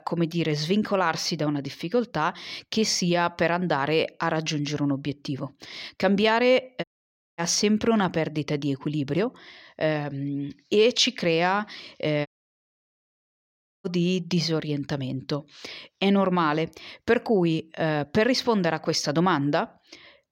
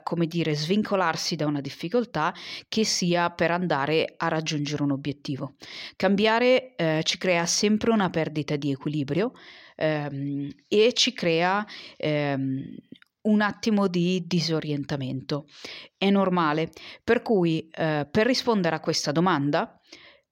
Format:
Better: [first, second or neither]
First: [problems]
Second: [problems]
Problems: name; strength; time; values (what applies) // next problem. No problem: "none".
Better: second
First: audio cutting out; at 7 s for 0.5 s and at 12 s for 1.5 s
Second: none